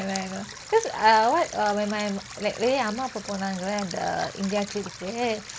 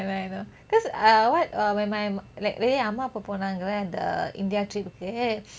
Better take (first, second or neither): second